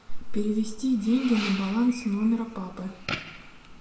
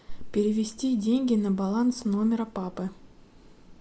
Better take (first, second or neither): second